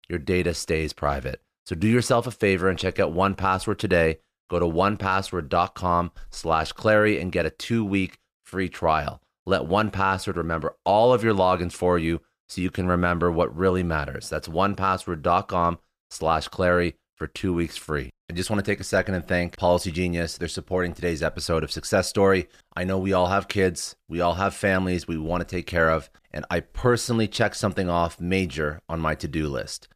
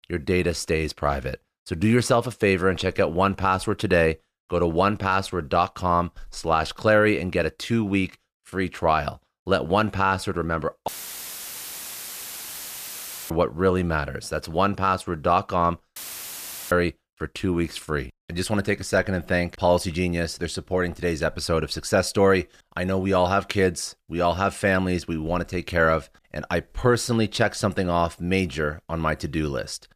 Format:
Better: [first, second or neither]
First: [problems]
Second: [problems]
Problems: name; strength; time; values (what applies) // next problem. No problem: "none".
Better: first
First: none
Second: audio cutting out; filled with static; at 11 s for 2.5 s and at 16 s for 1 s